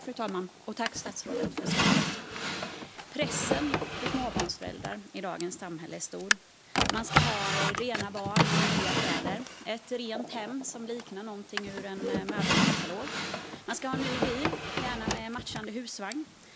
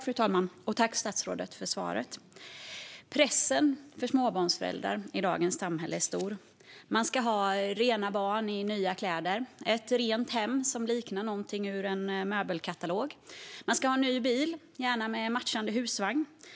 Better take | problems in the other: second | background sound (Drawer open or close); 5 dB above the speech

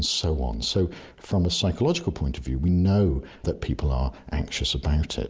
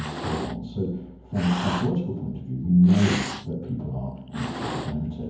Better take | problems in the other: first | background sound (Cat); 10 dB below the speech // room echo; dies away in 0.9 s

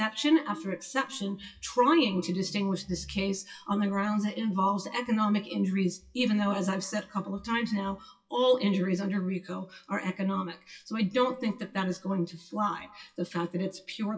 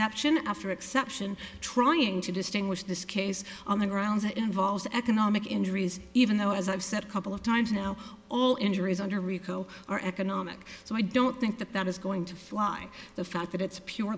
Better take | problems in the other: second | noise reduction (classical method WPE with log-MMSE)

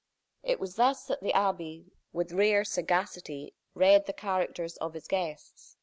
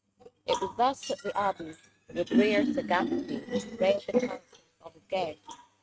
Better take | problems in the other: first | noise reduction (neural mask model RNNoise)

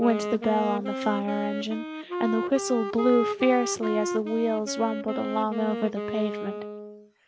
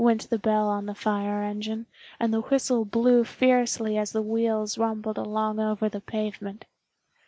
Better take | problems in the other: second | background sound (Wind instrument, woodwind instrument); 5 dB below the speech

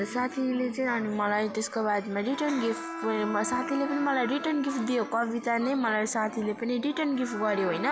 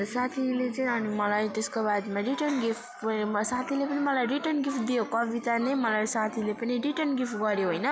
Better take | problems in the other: second | background sound (Bowed string instrument); 13 dB below the speech

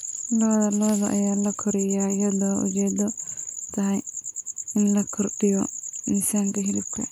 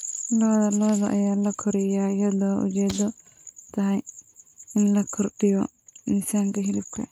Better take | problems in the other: first | noise reduction (neural mask model RNNoise)

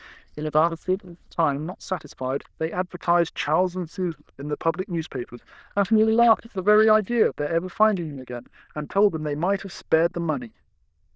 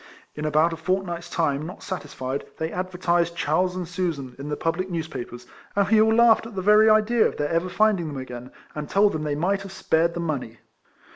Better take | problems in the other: second | noise reduction (neural diffusion model UNIVERSE++)

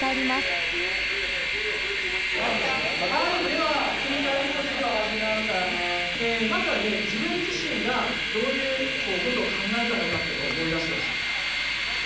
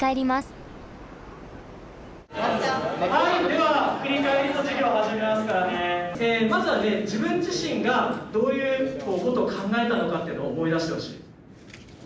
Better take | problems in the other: second | background sound (Train); 2 dB above the speech

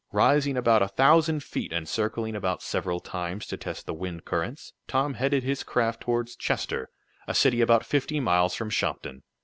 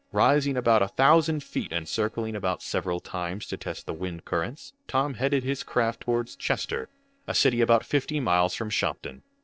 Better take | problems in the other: first | noise reduction (neural separator model SepFormer DNS4)

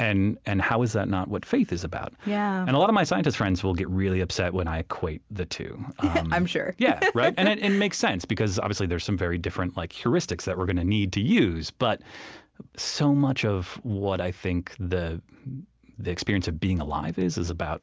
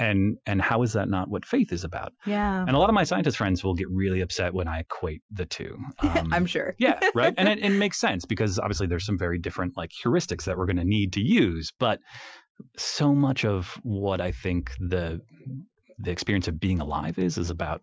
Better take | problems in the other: first | noise reduction (classical method Wiener filter)

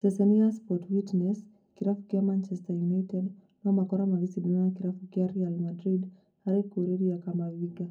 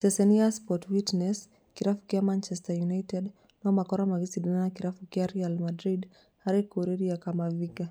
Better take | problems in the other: second | room echo; dies away in 0.3 s

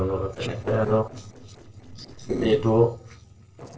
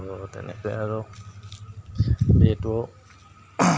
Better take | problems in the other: second | noise reduction (neural separator model SepFormer DNS4)

